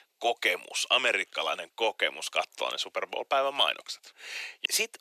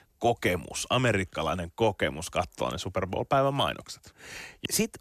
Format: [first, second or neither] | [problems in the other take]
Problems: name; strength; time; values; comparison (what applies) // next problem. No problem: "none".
second | thin; very; fading below 450 Hz